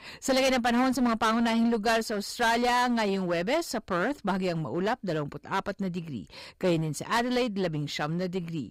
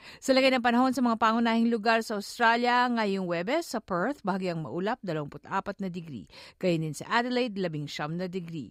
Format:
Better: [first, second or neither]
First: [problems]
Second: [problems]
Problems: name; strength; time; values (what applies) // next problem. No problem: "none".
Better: second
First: distortion; heavy; 13% of the sound clipped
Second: none